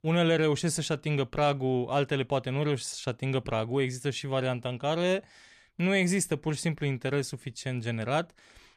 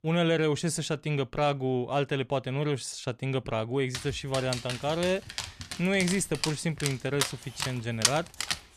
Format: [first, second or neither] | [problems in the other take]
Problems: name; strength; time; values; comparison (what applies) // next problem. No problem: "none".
first | dog barking; loud; from 4 s on; peak 3 dB above the speech